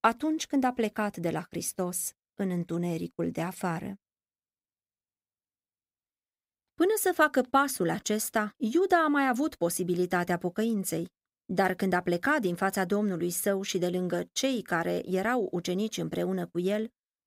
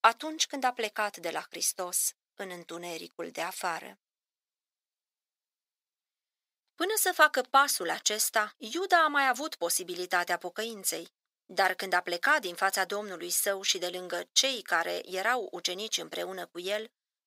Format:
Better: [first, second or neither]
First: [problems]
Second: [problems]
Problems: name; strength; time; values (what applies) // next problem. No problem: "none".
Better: first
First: none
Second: thin; very; fading below 650 Hz